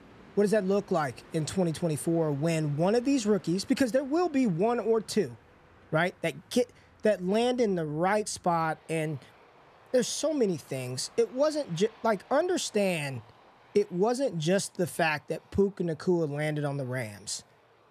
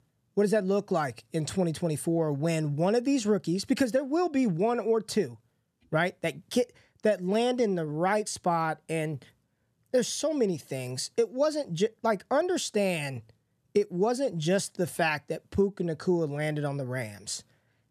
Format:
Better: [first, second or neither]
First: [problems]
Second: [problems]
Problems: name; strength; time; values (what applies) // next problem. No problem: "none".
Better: second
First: train or aircraft noise; faint; throughout; 25 dB below the speech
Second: none